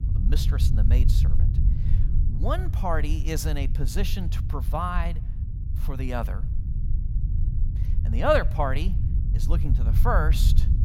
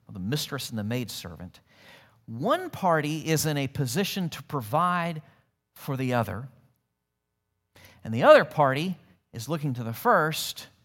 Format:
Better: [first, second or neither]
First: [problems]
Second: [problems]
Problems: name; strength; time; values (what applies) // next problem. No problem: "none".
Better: second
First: low rumble; noticeable; throughout; 15 dB below the speech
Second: none